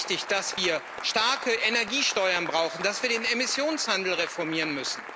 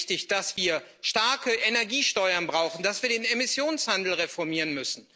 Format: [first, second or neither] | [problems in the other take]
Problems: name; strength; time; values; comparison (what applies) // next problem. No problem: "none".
second | background sound (Applause / Cheering); 11 dB below the speech